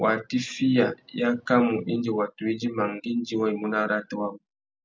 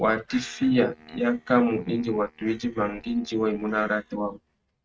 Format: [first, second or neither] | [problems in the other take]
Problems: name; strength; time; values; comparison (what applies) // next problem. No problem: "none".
first | noise reduction (neural mask model RNNoise)